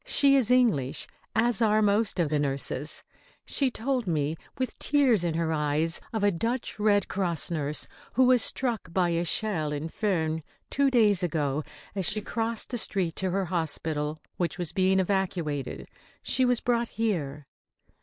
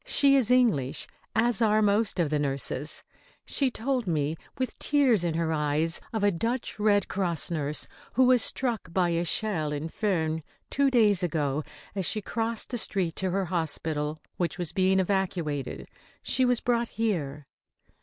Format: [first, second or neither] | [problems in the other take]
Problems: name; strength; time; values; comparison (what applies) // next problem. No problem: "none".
second | noise reduction (neural mask model Resemble Enhance denoiser)